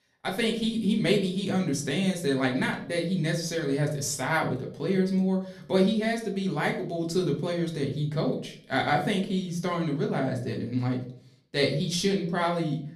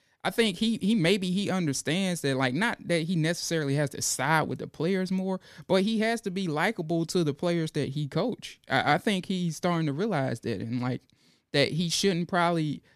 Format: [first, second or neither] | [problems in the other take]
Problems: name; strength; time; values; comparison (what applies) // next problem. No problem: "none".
second | off-mic speech; far // room echo; slight; dies away in 0.4 s